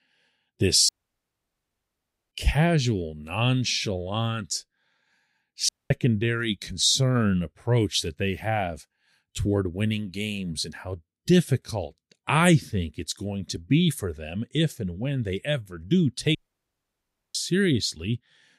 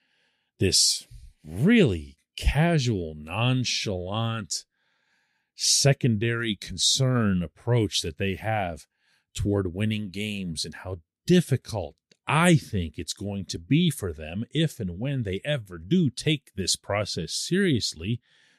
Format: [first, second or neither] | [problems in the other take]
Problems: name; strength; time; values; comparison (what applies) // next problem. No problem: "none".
second | audio cutting out; at 1 s for 1.5 s, at 5.5 s and at 16 s for 1 s